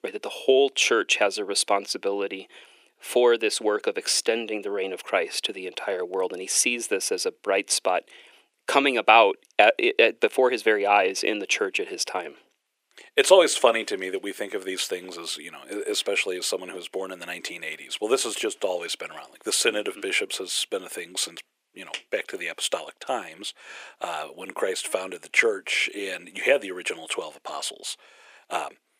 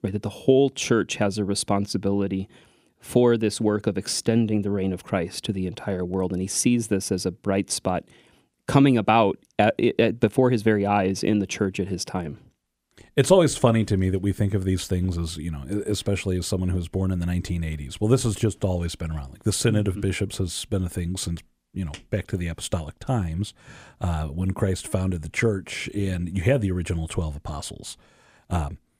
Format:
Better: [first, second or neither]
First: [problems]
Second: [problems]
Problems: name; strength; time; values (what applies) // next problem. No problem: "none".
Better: second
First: thin; very; fading below 400 Hz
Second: none